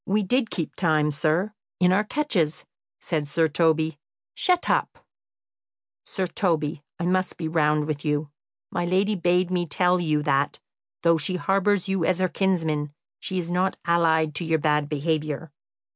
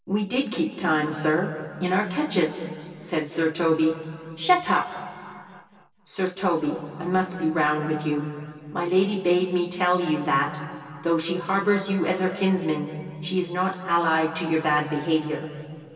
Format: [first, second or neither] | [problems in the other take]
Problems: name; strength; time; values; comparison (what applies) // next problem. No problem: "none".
first | room echo; dies away in 2.5 s